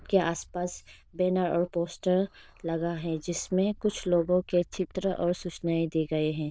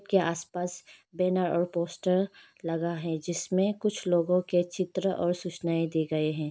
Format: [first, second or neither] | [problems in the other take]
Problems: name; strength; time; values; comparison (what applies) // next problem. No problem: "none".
second | noise reduction (neural diffusion model UNIVERSE++)